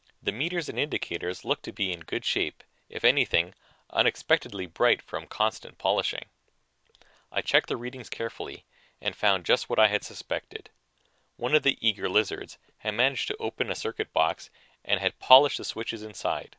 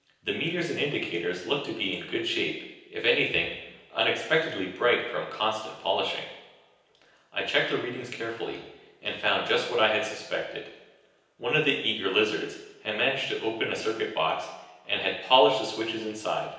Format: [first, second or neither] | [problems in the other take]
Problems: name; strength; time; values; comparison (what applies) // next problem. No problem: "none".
first | room echo; dies away in 0.9 s